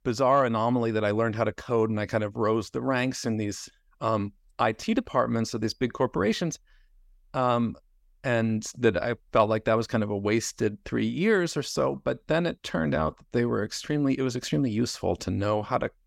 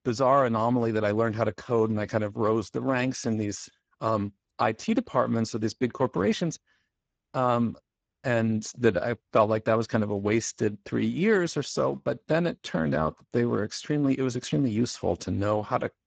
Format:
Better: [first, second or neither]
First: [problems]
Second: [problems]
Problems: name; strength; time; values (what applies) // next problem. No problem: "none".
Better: first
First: none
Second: garbled, watery; badly; nothing above 7.5 kHz